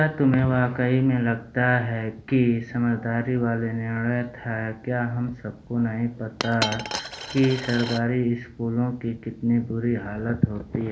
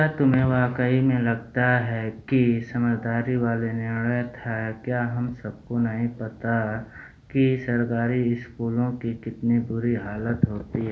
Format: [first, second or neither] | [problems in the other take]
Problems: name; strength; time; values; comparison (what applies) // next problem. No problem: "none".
second | background sound (Coin (dropping)); 11 dB below the speech